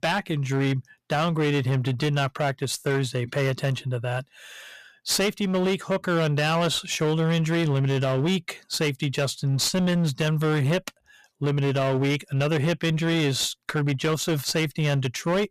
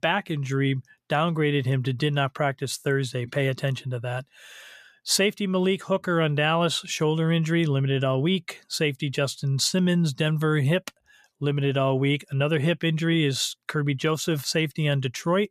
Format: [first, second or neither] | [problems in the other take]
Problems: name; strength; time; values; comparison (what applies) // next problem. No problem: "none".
second | distortion; slight; 20% of the sound clipped